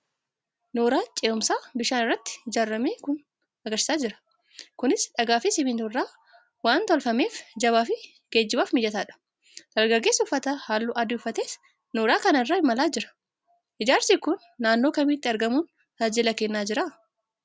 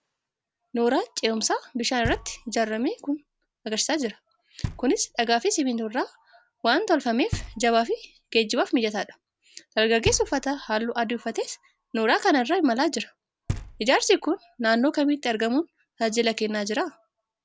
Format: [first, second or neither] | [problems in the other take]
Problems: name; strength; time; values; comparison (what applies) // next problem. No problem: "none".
first | background sound (Knock); 16 dB below the speech